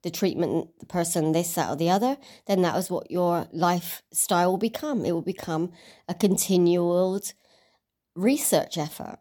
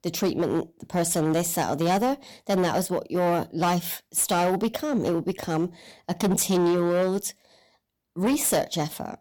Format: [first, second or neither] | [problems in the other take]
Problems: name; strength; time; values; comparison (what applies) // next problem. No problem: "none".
first | distortion; slight; 12% of the sound clipped